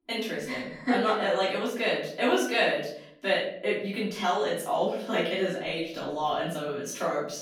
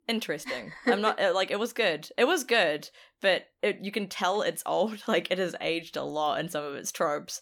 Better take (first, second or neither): second